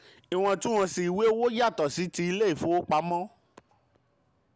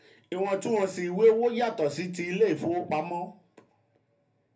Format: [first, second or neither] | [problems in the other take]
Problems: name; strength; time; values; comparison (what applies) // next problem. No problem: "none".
first | room echo; dies away in 0.3 s